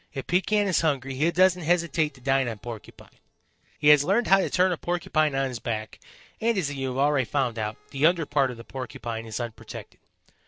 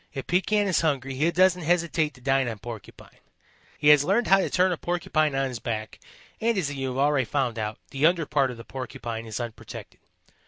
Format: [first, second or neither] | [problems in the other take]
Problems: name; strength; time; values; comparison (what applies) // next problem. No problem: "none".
second | noise reduction (neural separator model SepFormer DNS4)